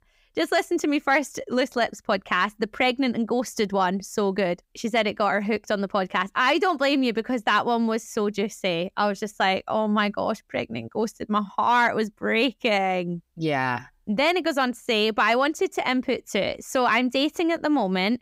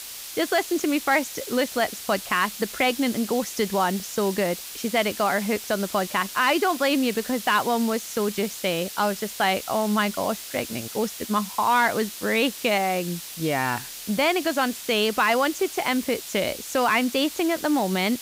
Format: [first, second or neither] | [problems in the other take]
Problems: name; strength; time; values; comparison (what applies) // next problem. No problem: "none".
first | hiss; noticeable; throughout; 10 dB below the speech